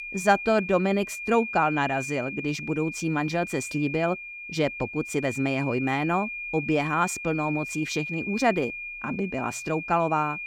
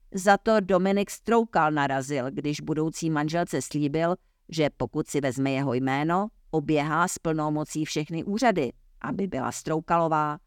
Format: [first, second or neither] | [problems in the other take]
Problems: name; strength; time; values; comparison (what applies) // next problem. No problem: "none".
second | high-pitched whine; loud; throughout; 2.5 kHz, 7 dB below the speech